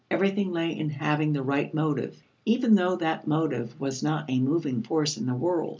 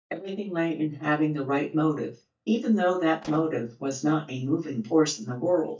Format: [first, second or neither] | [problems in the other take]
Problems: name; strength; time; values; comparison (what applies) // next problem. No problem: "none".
first | noise reduction (neural mask model DeepFilterNet 3)